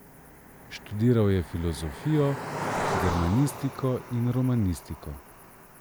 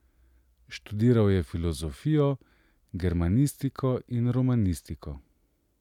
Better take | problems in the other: second | background sound (Cricket); 8 dB below the speech

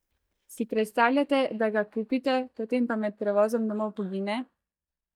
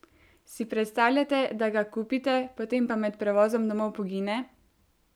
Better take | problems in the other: second | noise reduction (neural mask model DeepFilterNet 3)

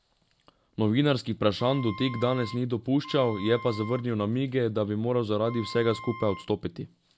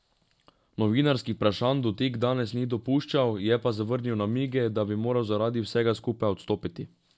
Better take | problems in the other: second | background sound (Wind instrument, woodwind instrument); 15 dB below the speech

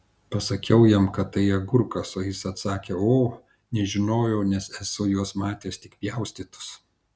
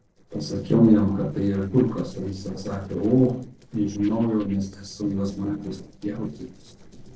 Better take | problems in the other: first | noise reduction (neural separator model SepFormer DNS4)

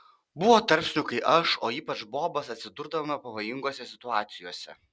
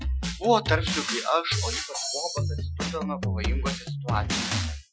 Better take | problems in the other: first | noise reduction (classical method Wiener filter)

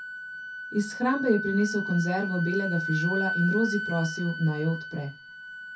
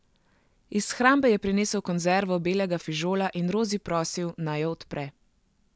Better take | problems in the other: second | background sound (Wind instrument, woodwind instrument); 6 dB below the speech // room echo; dies away in 0.3 s

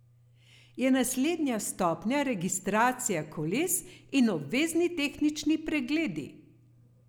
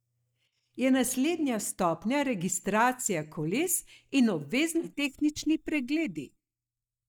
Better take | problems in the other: first | noise reduction (neural mask model DeepFilterNet 3)

